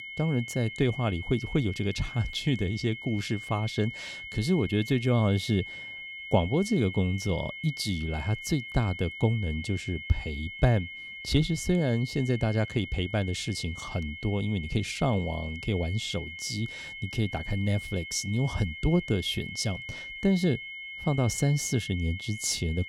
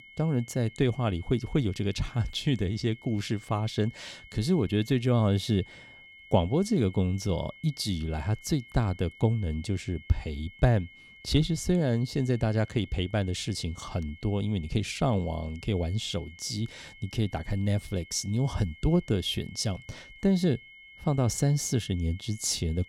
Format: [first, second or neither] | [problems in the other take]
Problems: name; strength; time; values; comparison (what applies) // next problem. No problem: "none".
second | high-pitched whine; loud; throughout; 2 kHz, 10 dB below the speech; faint in the second